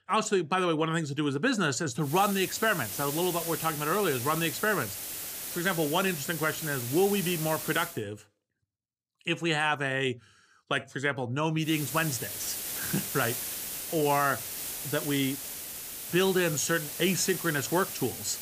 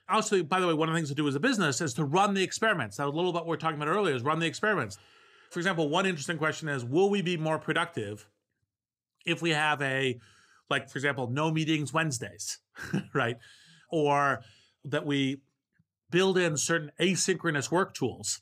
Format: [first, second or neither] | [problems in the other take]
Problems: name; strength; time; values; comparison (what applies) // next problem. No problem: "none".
second | hiss; loud; from 2 to 8 s and from 12 s on; 6 dB below the speech